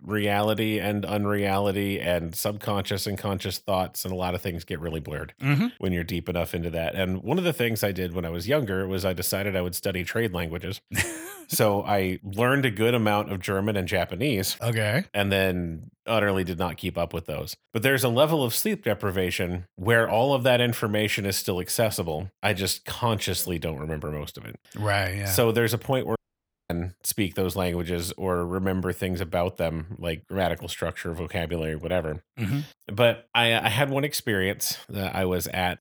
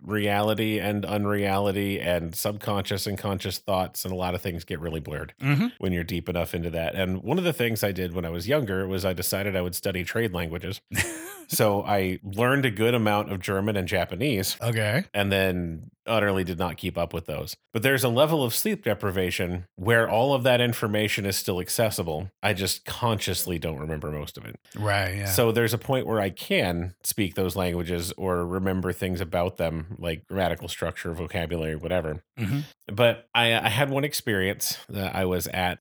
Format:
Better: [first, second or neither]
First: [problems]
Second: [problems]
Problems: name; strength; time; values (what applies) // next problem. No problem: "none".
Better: second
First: audio cutting out; at 26 s for 0.5 s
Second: none